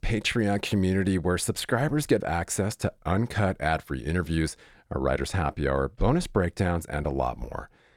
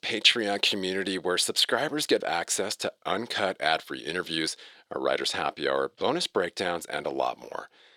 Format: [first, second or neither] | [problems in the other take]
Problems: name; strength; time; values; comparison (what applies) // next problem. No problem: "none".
first | thin; somewhat; fading below 400 Hz